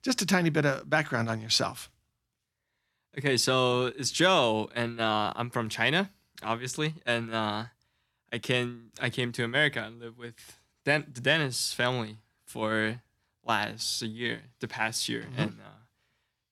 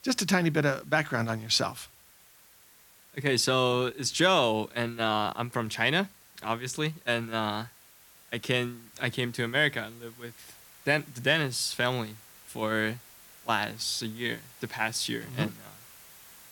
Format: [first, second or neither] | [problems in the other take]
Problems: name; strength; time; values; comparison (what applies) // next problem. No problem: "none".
first | hiss; faint; throughout; 25 dB below the speech